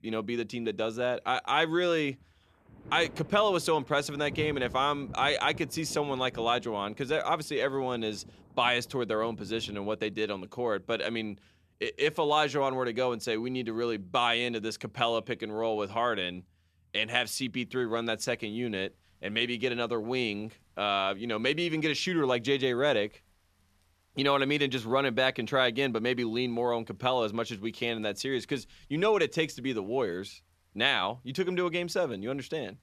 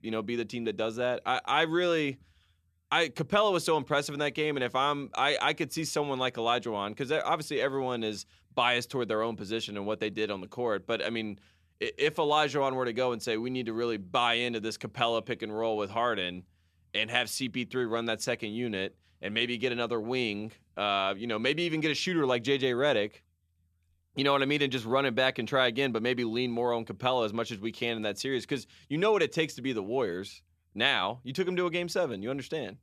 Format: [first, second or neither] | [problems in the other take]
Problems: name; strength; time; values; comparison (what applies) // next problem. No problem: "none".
second | rain or running water; noticeable; throughout; 20 dB below the speech